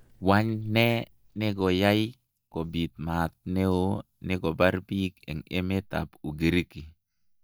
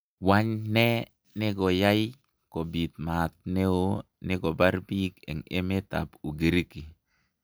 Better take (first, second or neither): second